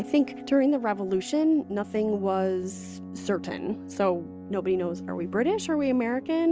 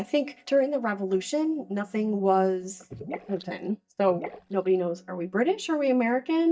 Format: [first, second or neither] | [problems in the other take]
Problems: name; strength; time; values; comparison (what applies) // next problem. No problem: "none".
first | noise reduction (neural mask model DeepFilterNet 3)